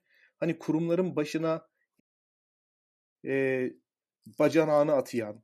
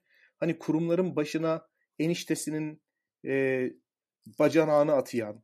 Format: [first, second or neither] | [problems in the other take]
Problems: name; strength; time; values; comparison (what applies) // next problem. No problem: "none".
second | audio cutting out; at 2 s for 1 s